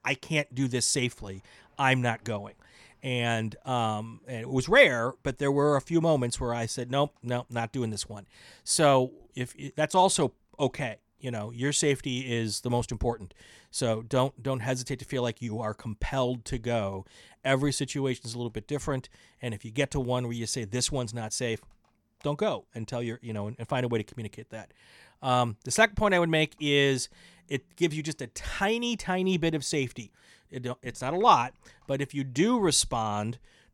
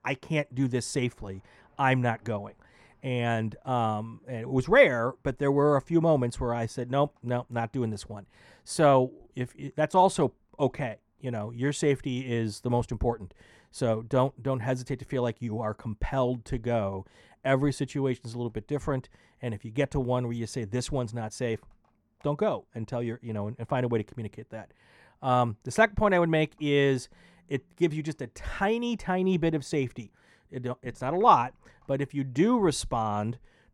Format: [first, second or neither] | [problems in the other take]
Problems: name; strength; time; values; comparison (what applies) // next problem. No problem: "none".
first | muffled; slightly; fading above 2.5 kHz